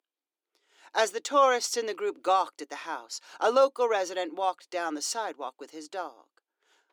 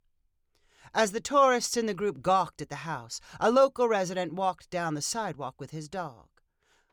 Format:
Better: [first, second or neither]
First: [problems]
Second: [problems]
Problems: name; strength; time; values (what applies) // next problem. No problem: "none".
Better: second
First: thin; somewhat; fading below 300 Hz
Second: none